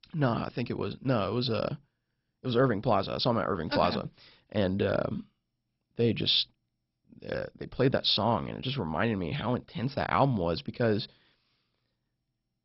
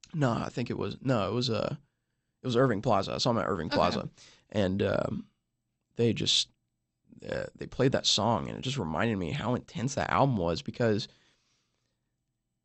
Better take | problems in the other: second | garbled, watery; badly; nothing above 5.5 kHz; slightly in the second

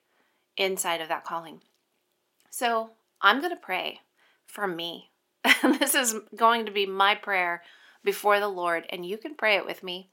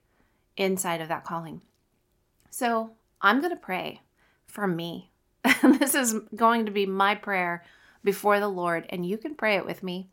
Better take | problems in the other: second | thin; very slightly; fading below 350 Hz

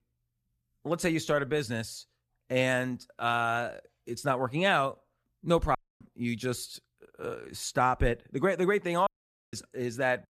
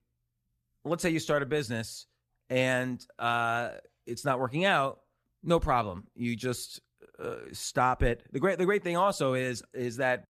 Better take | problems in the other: second | audio cutting out; at 6 s and at 9 s

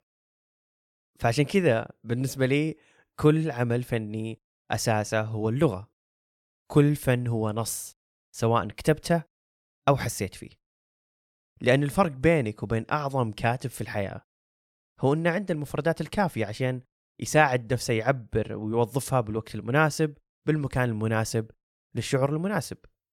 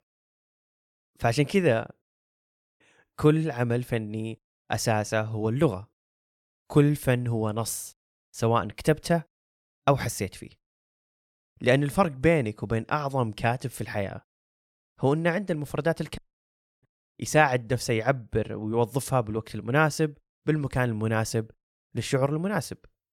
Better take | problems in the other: first | audio cutting out; at 2 s for 1 s and at 16 s for 0.5 s

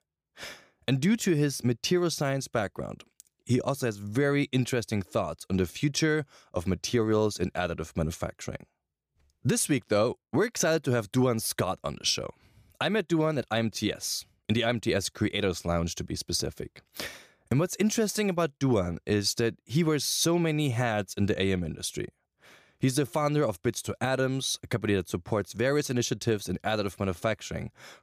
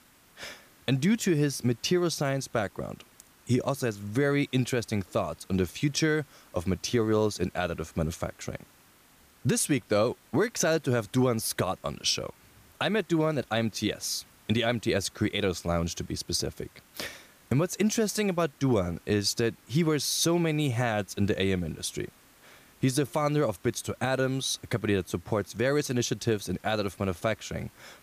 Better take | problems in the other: first | hiss; faint; throughout; 30 dB below the speech

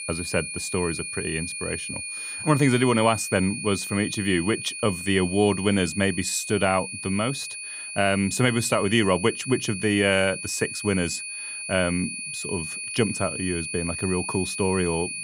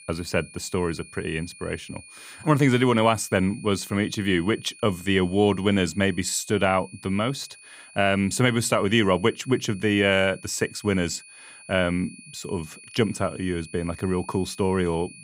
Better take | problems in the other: second | high-pitched whine; loud; throughout; 2.5 kHz, 6 dB below the speech; faint in the second

